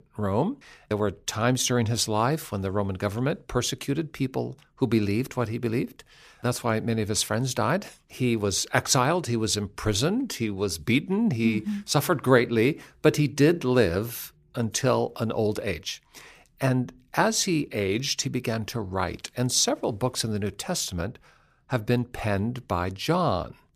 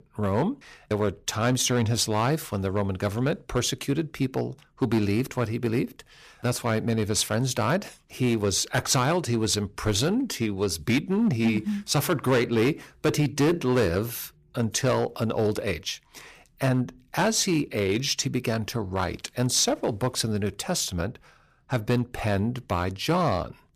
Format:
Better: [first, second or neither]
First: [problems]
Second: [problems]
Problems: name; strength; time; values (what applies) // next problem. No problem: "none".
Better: first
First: none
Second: distortion; slight; 5% of the sound clipped